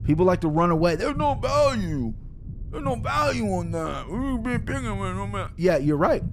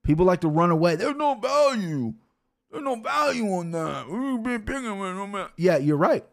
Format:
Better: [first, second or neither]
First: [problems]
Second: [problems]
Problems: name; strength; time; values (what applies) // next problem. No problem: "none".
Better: second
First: low rumble; faint; throughout; 25 dB below the speech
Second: none